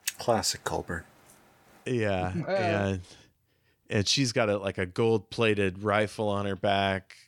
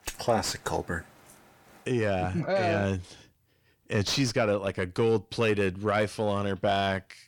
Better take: first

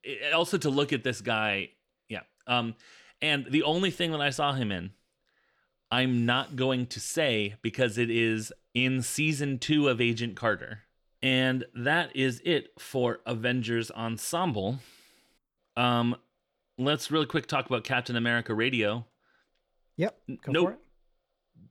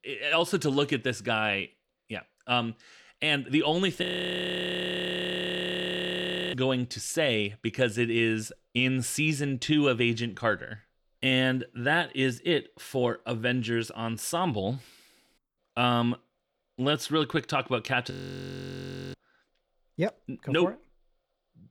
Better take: first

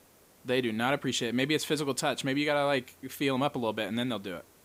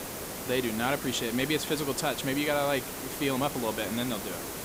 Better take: first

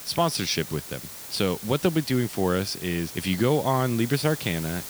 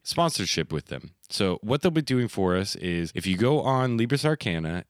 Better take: second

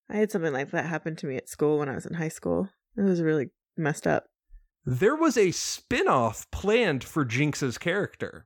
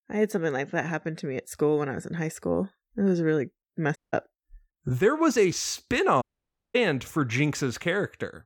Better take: first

